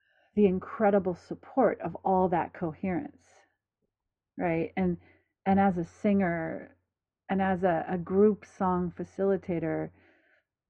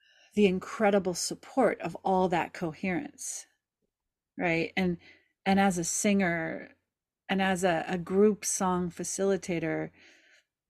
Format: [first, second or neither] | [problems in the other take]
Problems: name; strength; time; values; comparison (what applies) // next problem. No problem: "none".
second | muffled; very; fading above 1 kHz